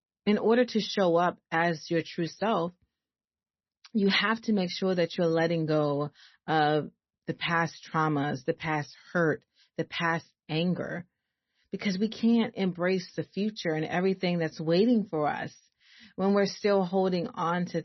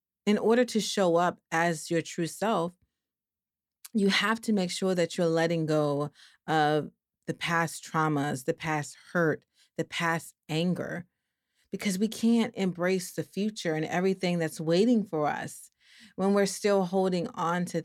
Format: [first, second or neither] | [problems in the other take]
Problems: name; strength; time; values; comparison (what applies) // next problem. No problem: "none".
second | garbled, watery; slightly; nothing above 6 kHz